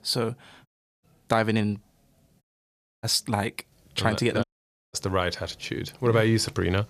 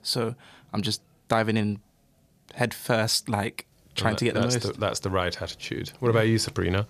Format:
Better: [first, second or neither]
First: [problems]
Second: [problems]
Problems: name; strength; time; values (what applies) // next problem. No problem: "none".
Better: second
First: audio cutting out; at 0.5 s, at 2.5 s for 0.5 s and at 4.5 s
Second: none